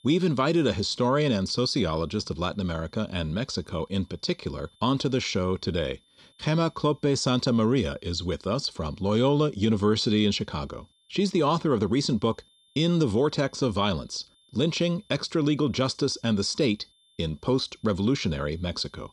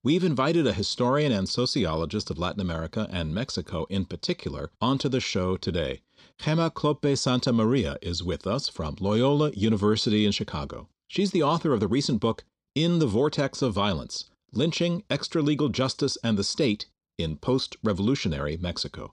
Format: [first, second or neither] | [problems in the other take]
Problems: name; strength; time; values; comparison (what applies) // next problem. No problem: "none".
second | high-pitched whine; faint; throughout; 3.5 kHz, 35 dB below the speech